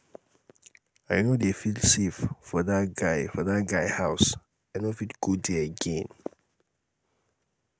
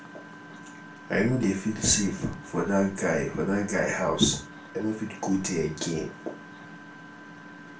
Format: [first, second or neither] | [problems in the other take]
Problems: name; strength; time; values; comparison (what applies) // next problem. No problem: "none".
first | background sound (Engine); 16 dB below the speech // room echo; dies away in 0.3 s